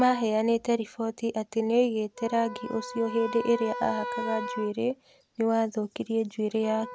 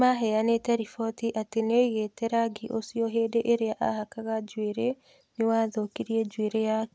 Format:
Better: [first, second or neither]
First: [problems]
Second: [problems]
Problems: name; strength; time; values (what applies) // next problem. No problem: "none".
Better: second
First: background sound (Wind instrument, woodwind instrument); 12 dB below the speech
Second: none